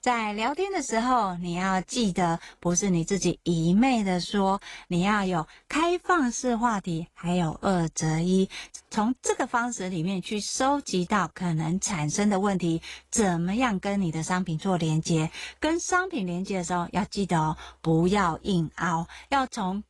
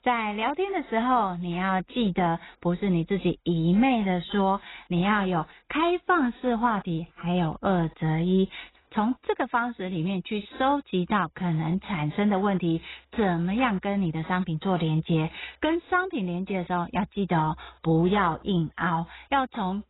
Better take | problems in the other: first | garbled, watery; badly; nothing above 4 kHz; slightly in the first

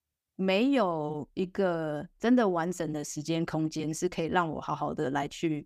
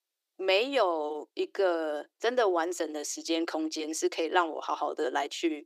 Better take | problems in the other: first | thin; very; fading below 350 Hz

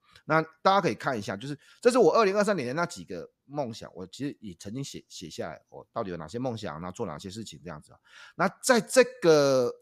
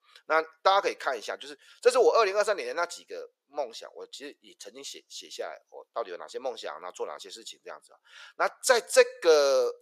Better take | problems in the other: first | thin; very; fading below 450 Hz

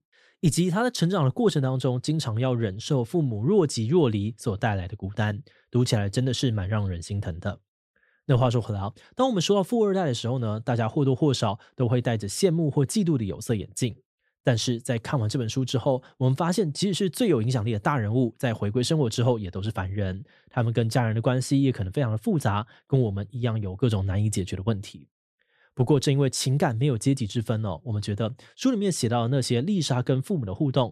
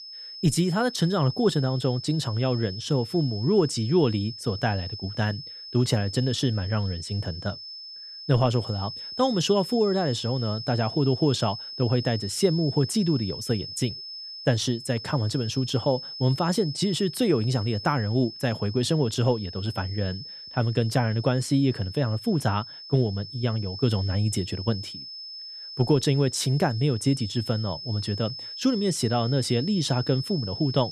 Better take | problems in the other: first | high-pitched whine; noticeable; throughout; 5 kHz, 10 dB below the speech

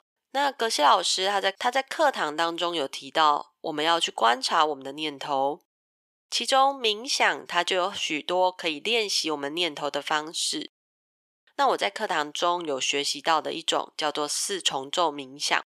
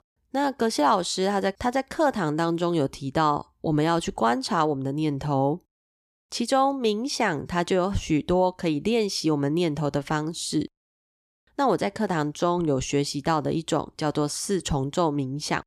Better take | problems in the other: second | thin; very; fading below 600 Hz

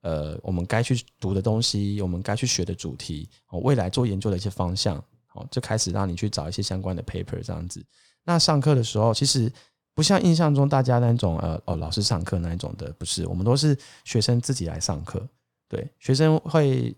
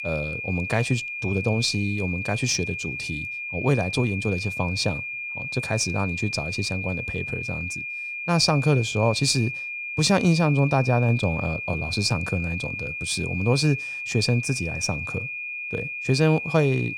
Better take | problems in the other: first | high-pitched whine; loud; throughout; 2.5 kHz, 5 dB below the speech

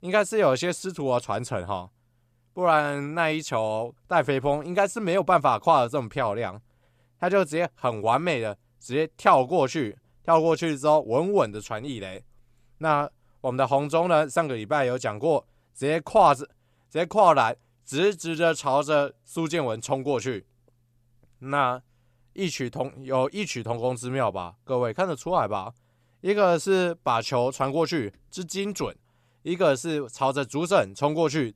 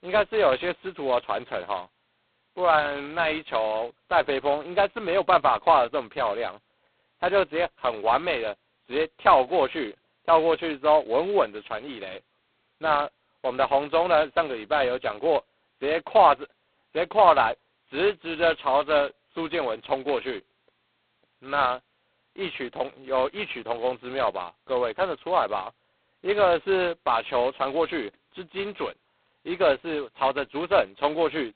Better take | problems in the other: first | phone-call audio; poor line; nothing above 4 kHz

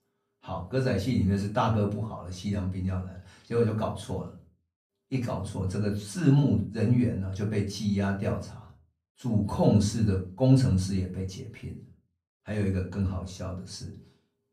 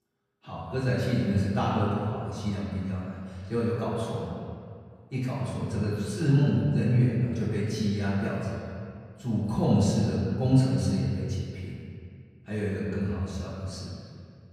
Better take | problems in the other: first | room echo; strong; dies away in 2.1 s; slight in the first // off-mic speech; far; far in the first

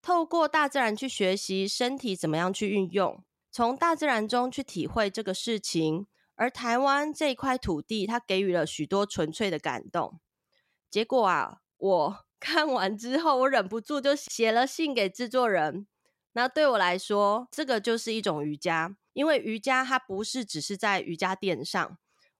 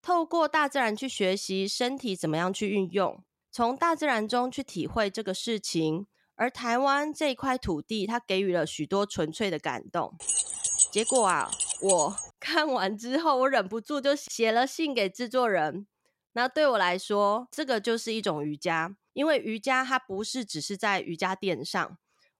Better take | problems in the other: first | jangling keys; loud; from 10 to 12 s; peak 5 dB above the speech

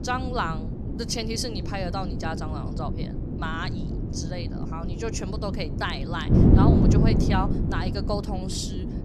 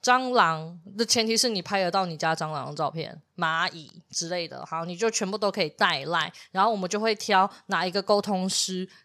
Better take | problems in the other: second | wind noise on the microphone; heavy; 2 dB below the speech

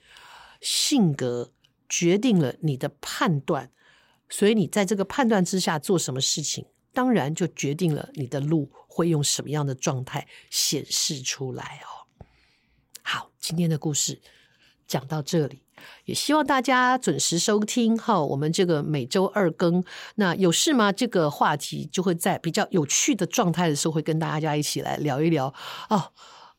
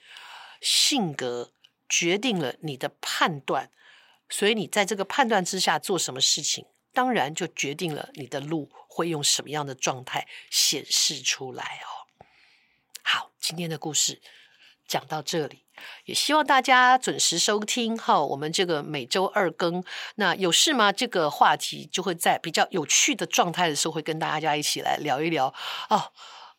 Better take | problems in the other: first | thin; somewhat; fading below 950 Hz

